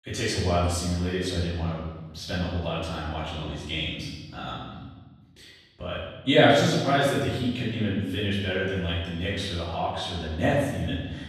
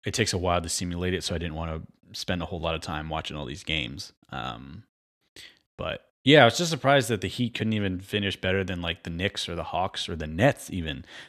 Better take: second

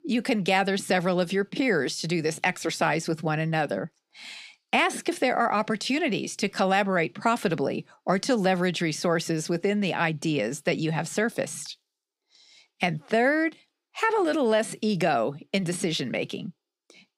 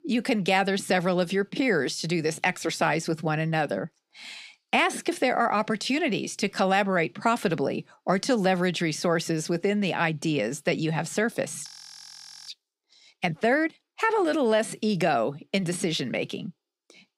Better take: first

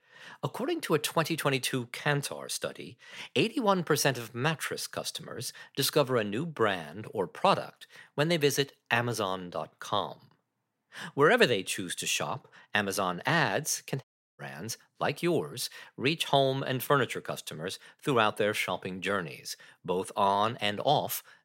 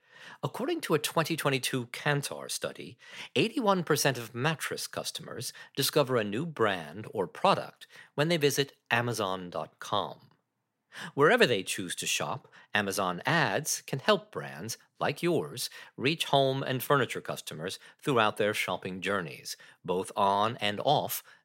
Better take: second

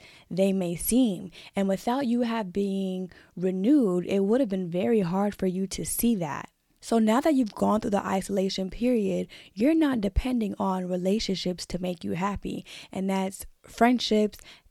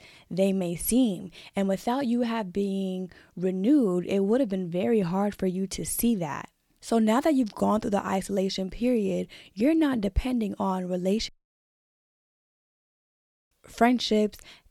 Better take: first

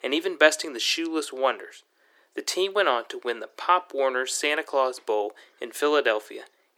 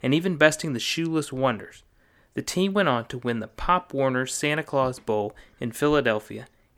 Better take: second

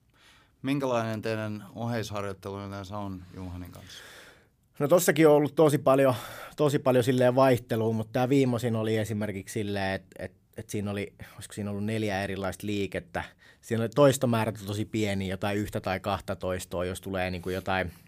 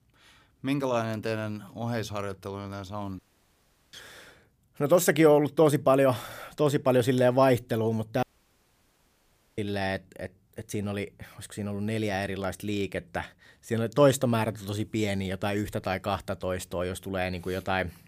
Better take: first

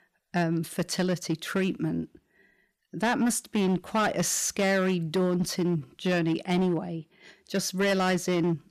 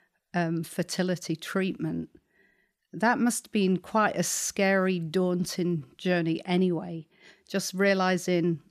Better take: second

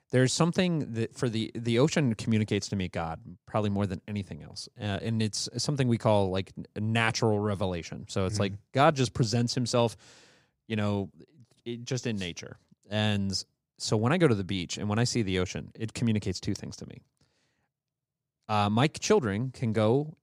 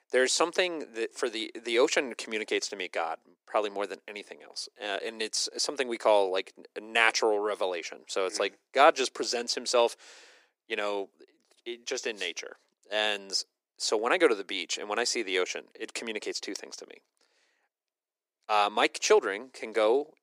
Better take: first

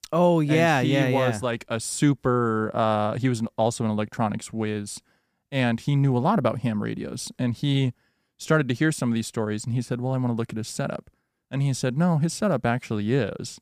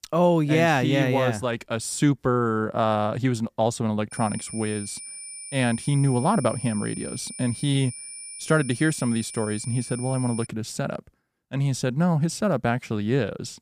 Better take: first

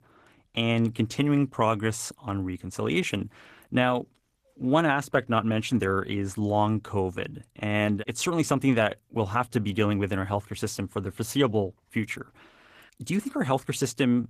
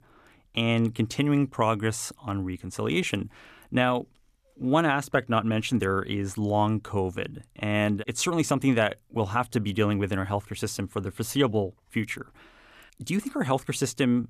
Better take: second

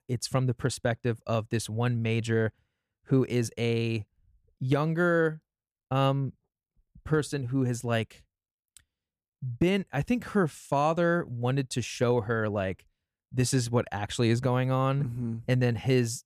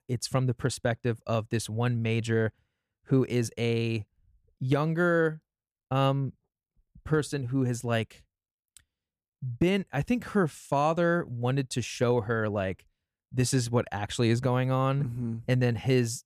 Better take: neither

